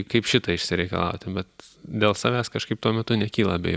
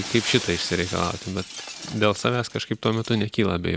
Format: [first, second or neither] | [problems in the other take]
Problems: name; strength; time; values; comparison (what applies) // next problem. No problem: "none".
first | background sound (Shatter); 13 dB below the speech